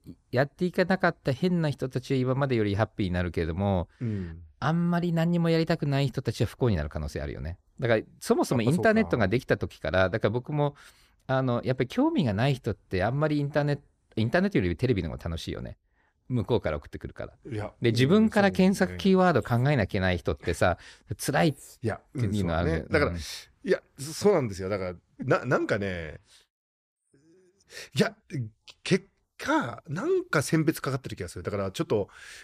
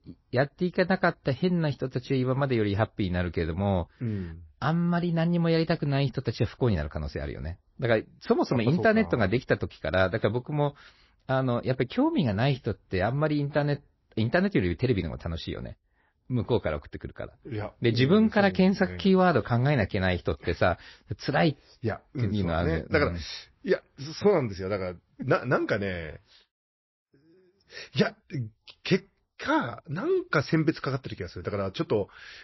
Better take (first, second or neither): first